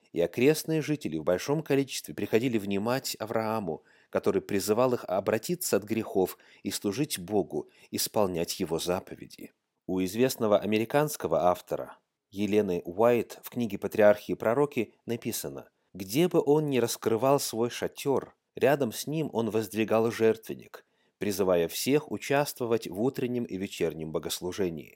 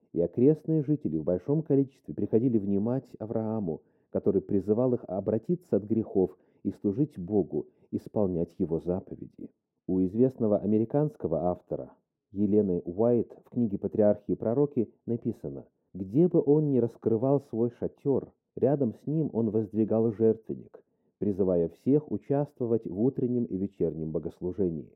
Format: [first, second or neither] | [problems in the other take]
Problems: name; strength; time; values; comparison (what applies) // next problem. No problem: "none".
first | muffled; very; fading above 1 kHz